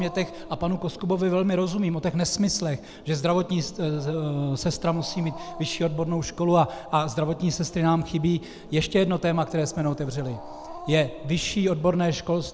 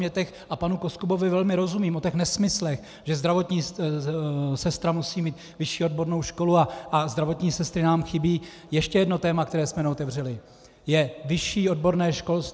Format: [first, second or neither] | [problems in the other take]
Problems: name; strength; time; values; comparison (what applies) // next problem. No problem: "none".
second | background sound (Growling); 17 dB below the speech